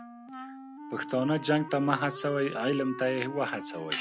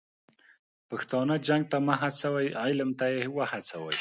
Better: second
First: background sound (Wind instrument, woodwind instrument); 12 dB below the speech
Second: none

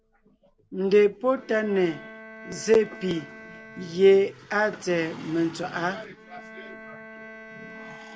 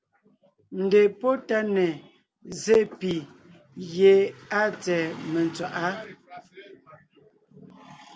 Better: second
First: background sound (Bowed string instrument); 20 dB below the speech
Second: none

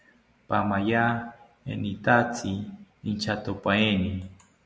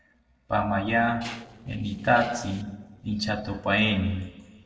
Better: first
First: none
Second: noise reduction (neural separator model SepFormer DNS4)

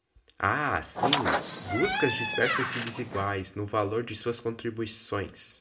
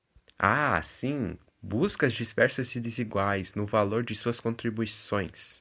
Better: second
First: background sound (Squeak); 1 dB above the speech // room echo; dies away in 0.4 s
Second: none

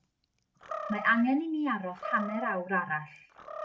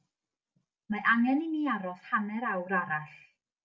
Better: second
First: background sound (Animal); 10 dB below the speech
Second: none

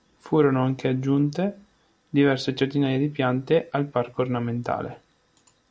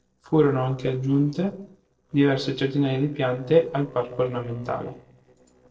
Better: first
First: none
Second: noise reduction (neural separator model SepFormer DNS4)

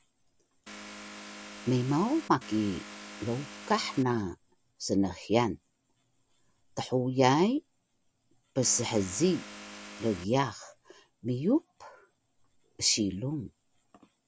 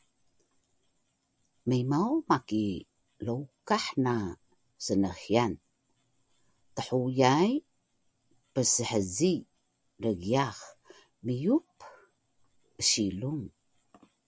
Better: second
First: background sound (Vehicle); 13 dB below the speech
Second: none

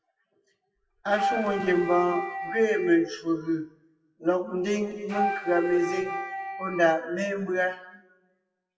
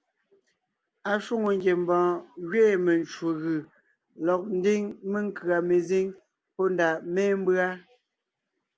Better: second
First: noise reduction (classical method WPE with log-MMSE)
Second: none

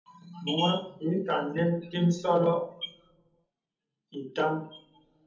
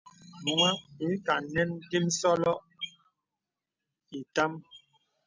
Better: second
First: room echo; dies away in 0.7 s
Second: none

